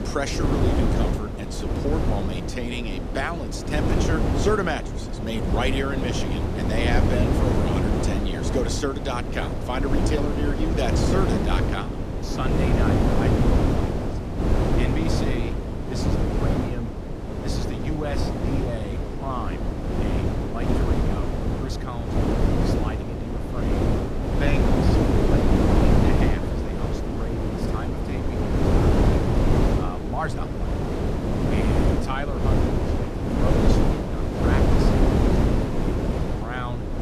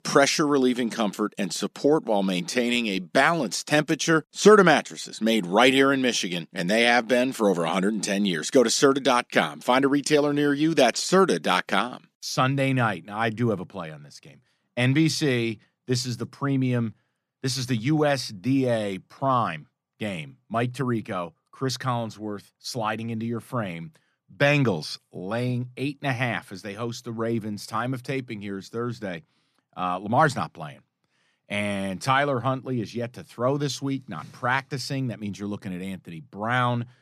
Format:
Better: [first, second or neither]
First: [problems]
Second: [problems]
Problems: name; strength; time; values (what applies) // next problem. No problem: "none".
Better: second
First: wind noise on the microphone; heavy; 3 dB above the speech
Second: none